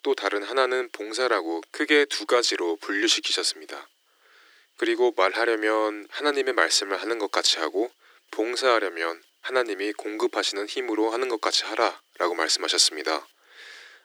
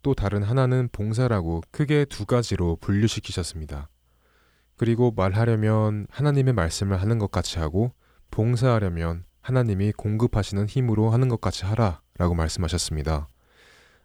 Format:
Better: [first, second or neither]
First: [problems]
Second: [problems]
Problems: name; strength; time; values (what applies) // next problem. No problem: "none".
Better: second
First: thin; very; fading below 300 Hz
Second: none